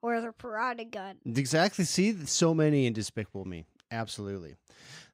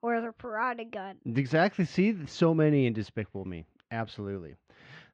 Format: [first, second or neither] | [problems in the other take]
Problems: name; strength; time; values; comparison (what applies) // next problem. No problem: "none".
first | muffled; very; fading above 3 kHz